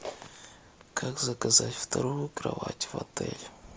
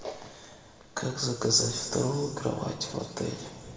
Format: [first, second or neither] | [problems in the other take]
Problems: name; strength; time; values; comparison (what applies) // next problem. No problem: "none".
first | room echo; dies away in 2.1 s